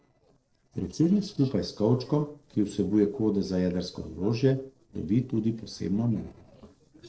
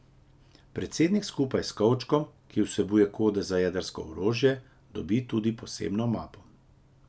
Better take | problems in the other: second | noise reduction (neural separator model SepFormer DNS4)

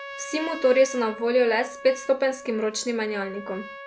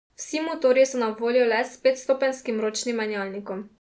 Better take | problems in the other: second | background sound (Trumpet); 15 dB below the speech

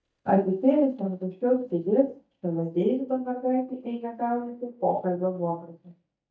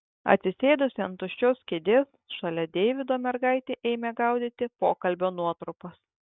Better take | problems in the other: second | noise reduction (neural mask model DeepFilterNet 3)

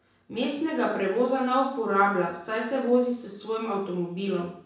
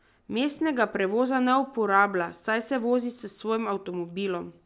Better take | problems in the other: second | room echo; dies away in 0.6 s

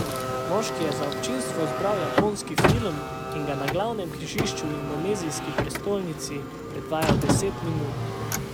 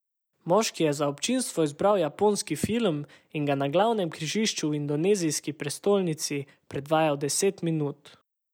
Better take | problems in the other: second | background sound (Car); 2 dB above the speech

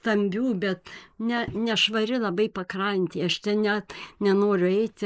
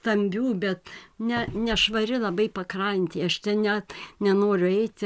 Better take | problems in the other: second | noise reduction (neural mask model Resemble Enhance denoiser)

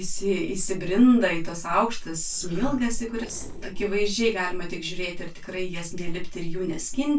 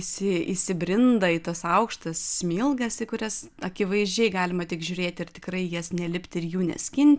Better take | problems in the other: second | noise reduction (neural separator model SepFormer DNS4)

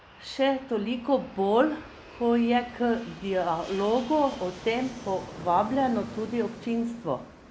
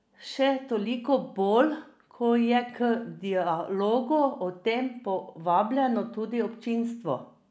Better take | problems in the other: second | background sound (Fixed-wing aircraft, airplane); 17 dB below the speech

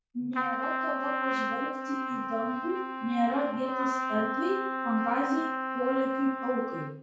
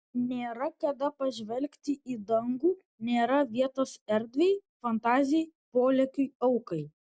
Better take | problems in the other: second | background sound (Trumpet); 1 dB below the speech // room echo; dies away in 0.5 s

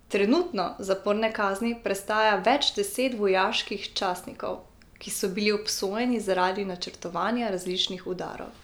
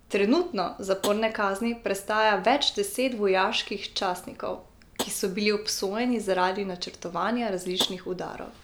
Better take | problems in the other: first | background sound (Tap); 14 dB below the speech

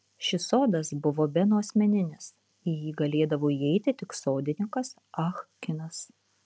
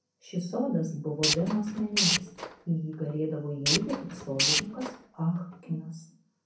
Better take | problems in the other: first | background sound (Tools); 1 dB above the speech // room echo; dies away in 0.6 s

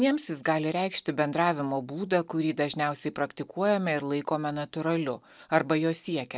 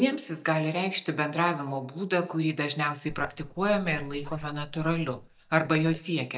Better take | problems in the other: first | noise reduction (neural mask model DeepFilterNet 3)

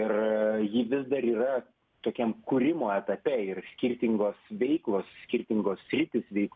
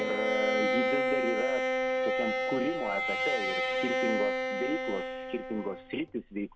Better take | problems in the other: first | background sound (Bowed string instrument); 4 dB above the speech

